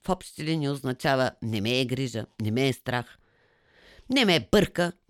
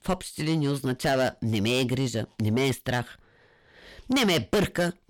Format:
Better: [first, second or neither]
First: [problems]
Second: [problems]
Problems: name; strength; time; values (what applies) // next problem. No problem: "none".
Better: first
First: none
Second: distortion; heavy; 7 dB below the speech